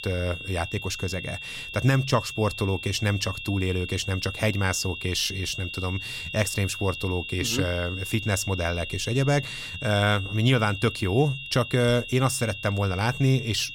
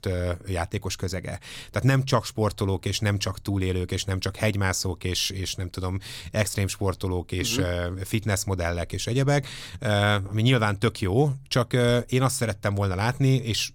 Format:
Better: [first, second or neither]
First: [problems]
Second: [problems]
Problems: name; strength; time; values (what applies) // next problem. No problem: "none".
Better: second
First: high-pitched whine; loud; throughout; 3 kHz, 8 dB below the speech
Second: none